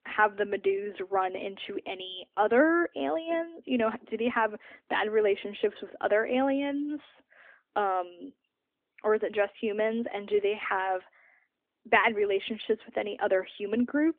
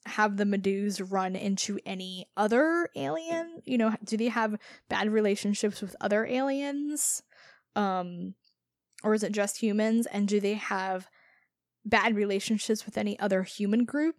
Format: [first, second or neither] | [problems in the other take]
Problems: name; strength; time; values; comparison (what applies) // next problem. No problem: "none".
second | phone-call audio